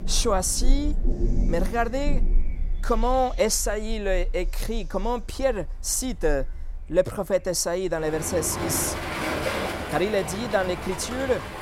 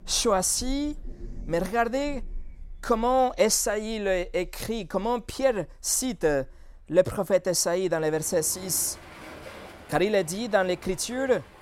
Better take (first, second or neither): second